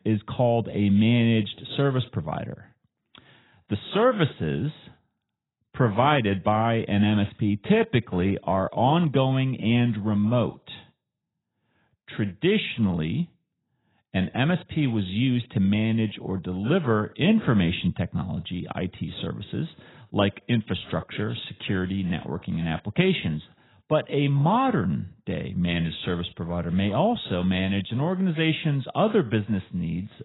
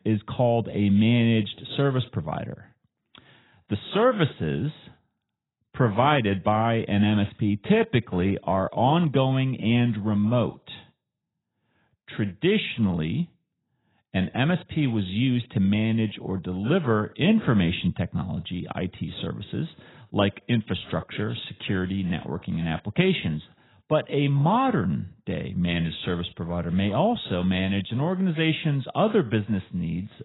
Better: neither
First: garbled, watery; badly; nothing above 4 kHz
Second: garbled, watery; badly; nothing above 4 kHz

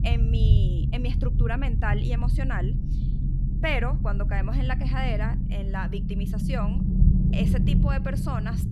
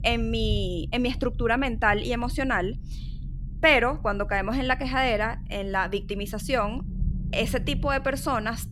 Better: second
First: low rumble; loud; throughout; 5 dB below the speech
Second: low rumble; faint; throughout; 25 dB below the speech

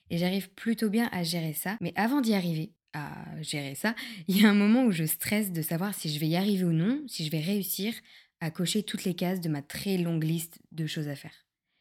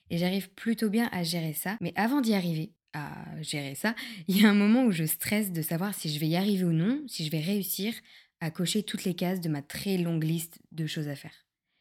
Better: neither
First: none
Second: none

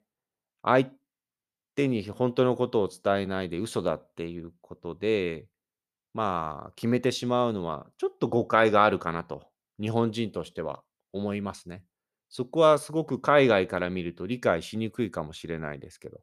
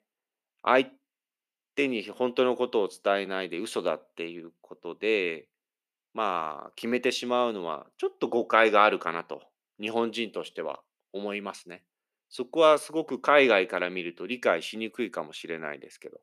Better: first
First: none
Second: thin; very slightly; fading below 250 Hz

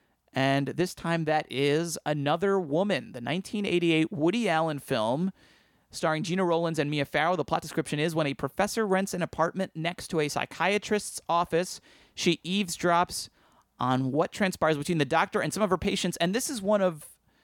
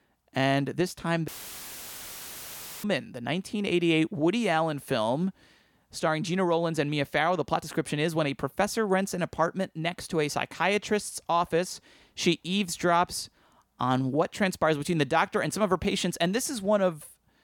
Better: first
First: none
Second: audio cutting out; filled with static; at 1.5 s for 1.5 s

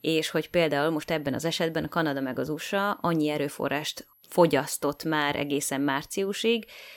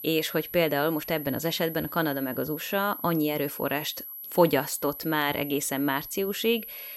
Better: first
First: high-pitched whine; faint; throughout; 12 kHz, 30 dB below the speech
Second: high-pitched whine; loud; throughout; 12 kHz, 10 dB below the speech

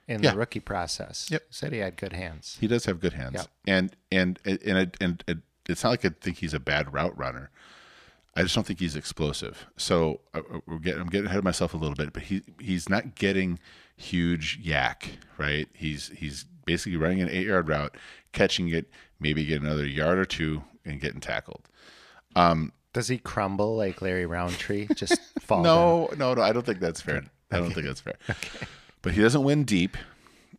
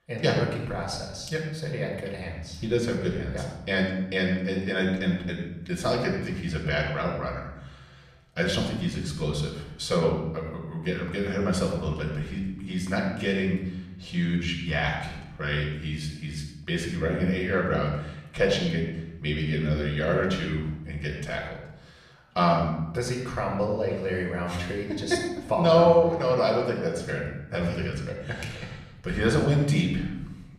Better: first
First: none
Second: off-mic speech; far // room echo; noticeable; dies away in 1 s

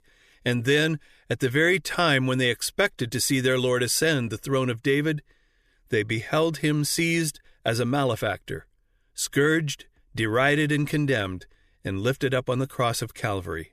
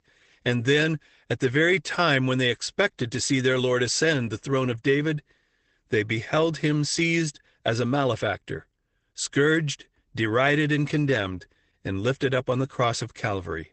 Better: first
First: none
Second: garbled, watery; badly; nothing above 8 kHz

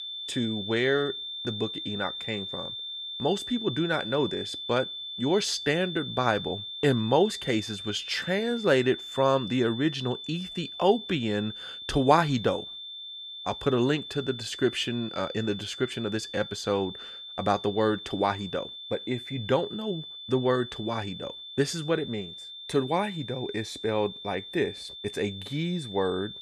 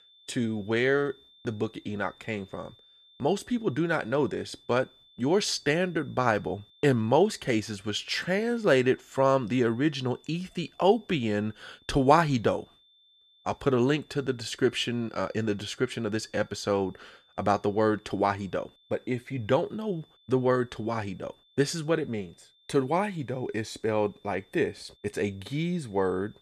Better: second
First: high-pitched whine; loud; throughout; 3.5 kHz, 8 dB below the speech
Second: high-pitched whine; faint; throughout; 3.5 kHz, 30 dB below the speech

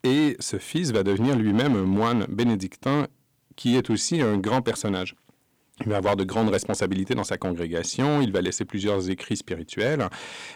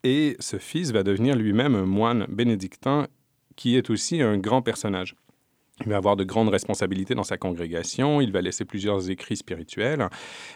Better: second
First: distortion; slight; 6% of the sound clipped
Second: none

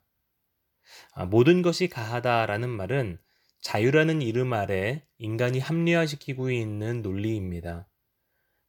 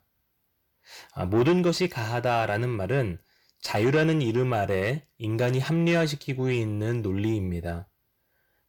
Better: first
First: none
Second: distortion; slight; 10 dB below the speech

